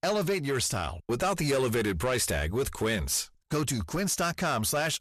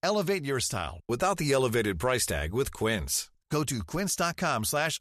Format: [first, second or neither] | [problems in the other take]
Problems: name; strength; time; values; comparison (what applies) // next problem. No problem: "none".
second | distortion; slight; 10 dB below the speech